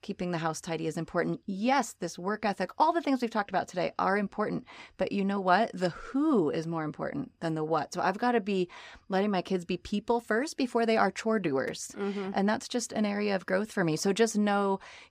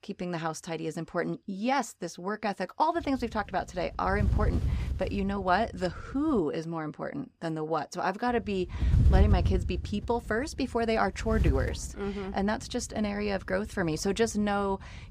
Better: first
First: none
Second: wind noise on the microphone; occasional gusts; from 3 to 6.5 s and from 8.5 s on; 15 dB below the speech

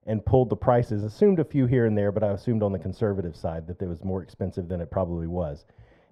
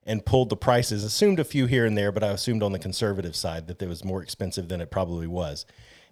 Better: second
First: muffled; very; fading above 2.5 kHz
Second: none

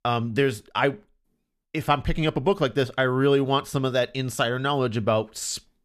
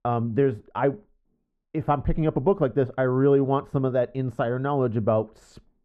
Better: first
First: none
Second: muffled; very; fading above 2 kHz

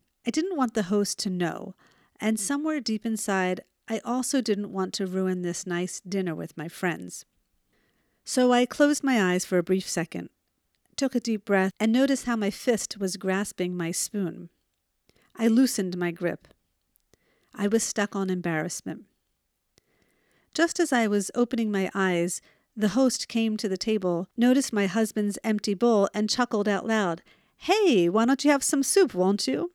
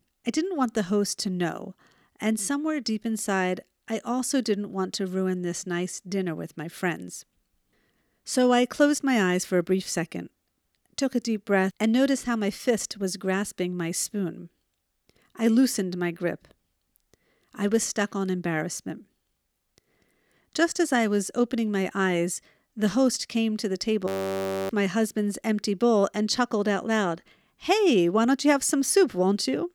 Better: first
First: none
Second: audio freezing; at 24 s for 0.5 s

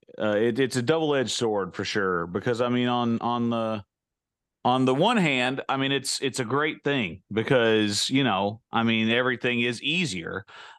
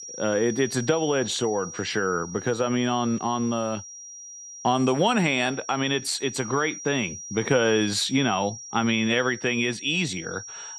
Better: first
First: none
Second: high-pitched whine; noticeable; throughout; 5.5 kHz, 10 dB below the speech

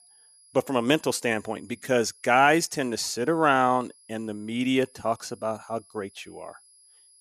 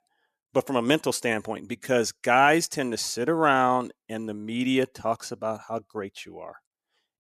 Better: second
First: high-pitched whine; faint; throughout; 10.5 kHz, 30 dB below the speech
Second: none

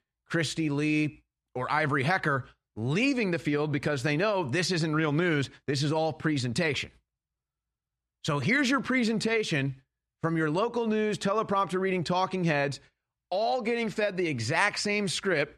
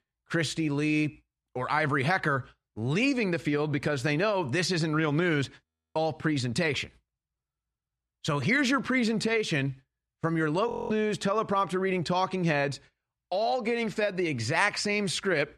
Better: first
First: none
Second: audio freezing; at 5.5 s and at 11 s

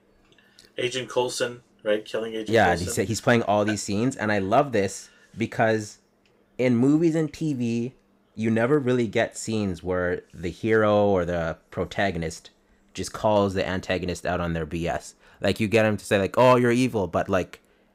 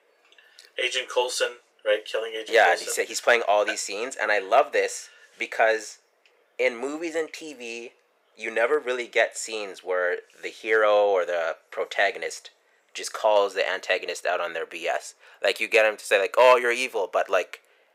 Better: first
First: none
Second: thin; very; fading below 500 Hz

